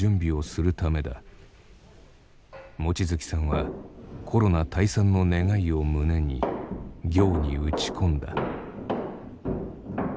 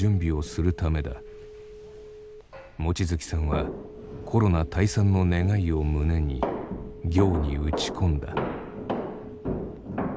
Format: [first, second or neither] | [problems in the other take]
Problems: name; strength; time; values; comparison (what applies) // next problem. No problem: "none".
first | background sound (Telephone); 19 dB below the speech